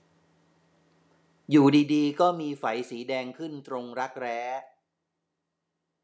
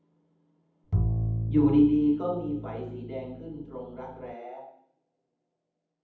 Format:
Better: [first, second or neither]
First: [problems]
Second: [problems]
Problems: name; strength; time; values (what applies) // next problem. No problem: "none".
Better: first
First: none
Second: background sound (Bowed string instrument); 2 dB below the speech // room echo; dies away in 0.8 s